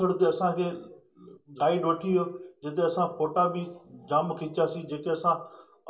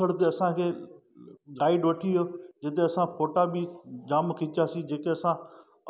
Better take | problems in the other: second | room echo; dies away in 0.2 s

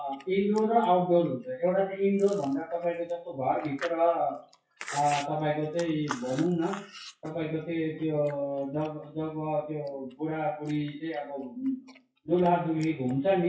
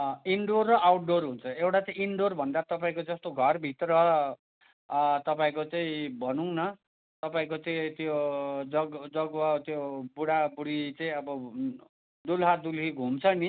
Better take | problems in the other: second | noise reduction (classical method WPE with log-MMSE)

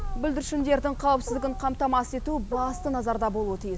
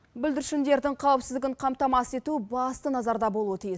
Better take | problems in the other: second | background sound (Wild animals); 7 dB below the speech

